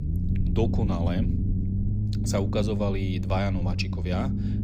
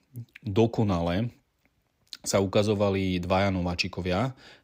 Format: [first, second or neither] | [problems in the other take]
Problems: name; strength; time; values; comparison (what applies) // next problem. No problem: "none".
second | low rumble; loud; throughout; 6 dB below the speech